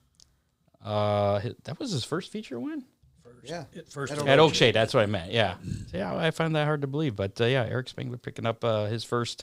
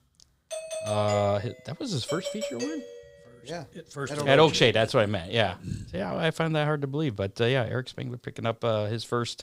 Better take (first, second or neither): first